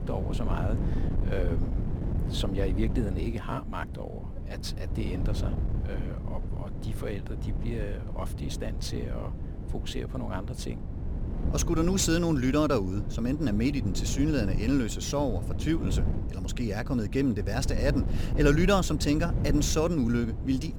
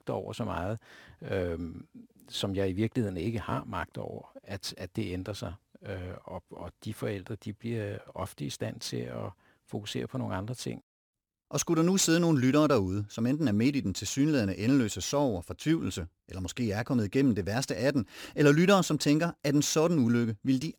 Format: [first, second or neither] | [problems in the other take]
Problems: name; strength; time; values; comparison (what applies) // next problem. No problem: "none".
second | wind noise on the microphone; occasional gusts; 10 dB below the speech